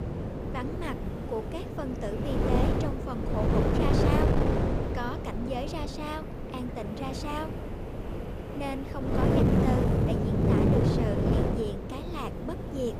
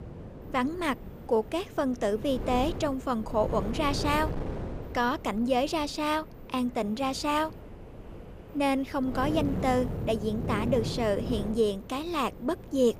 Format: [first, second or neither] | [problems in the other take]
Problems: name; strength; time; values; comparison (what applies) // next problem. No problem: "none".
second | wind noise on the microphone; heavy; 3 dB above the speech; occasional gusts in the second